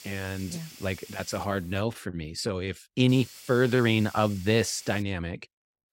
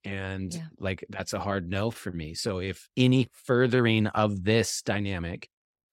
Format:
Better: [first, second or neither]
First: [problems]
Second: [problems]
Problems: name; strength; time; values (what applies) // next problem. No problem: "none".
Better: second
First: hiss; noticeable; until 2 s and from 3 to 5 s; 20 dB below the speech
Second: none